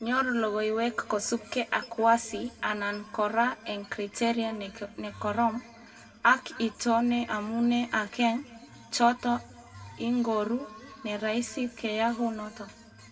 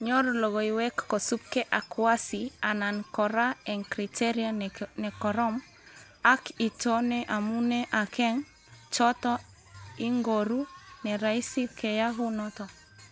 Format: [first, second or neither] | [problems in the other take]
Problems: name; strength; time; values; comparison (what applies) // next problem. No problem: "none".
second | room echo; dies away in 1.6 s